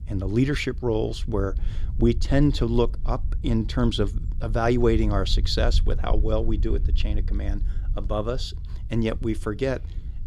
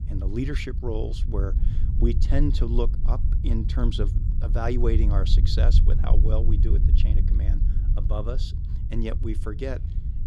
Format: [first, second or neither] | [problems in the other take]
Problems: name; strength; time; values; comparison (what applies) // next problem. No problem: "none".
first | low rumble; loud; throughout; 9 dB below the speech; faint in the first